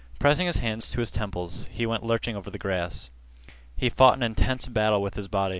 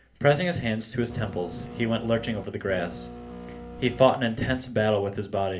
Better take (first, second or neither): first